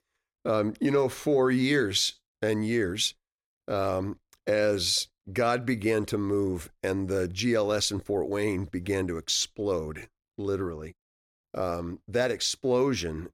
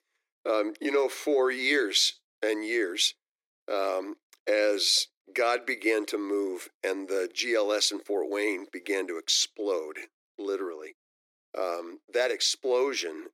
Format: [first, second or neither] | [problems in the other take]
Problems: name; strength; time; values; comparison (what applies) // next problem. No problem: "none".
first | thin; somewhat; fading below 300 Hz